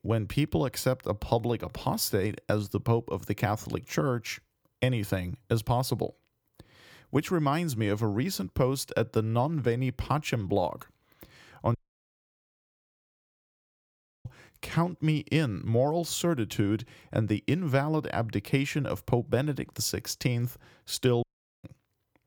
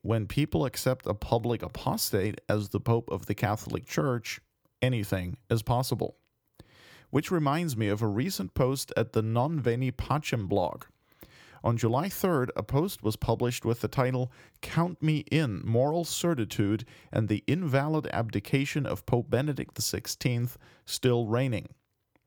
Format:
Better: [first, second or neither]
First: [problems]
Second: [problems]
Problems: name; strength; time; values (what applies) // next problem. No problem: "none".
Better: second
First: audio cutting out; at 12 s for 2.5 s and at 21 s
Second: none